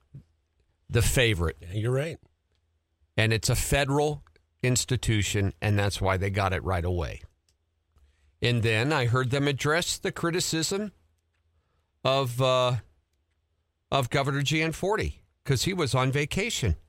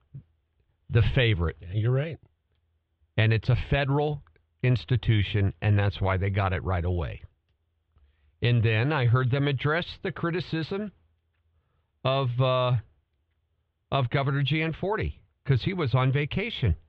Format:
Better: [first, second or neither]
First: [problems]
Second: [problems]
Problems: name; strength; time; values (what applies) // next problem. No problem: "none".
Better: first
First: none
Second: muffled; very; fading above 3.5 kHz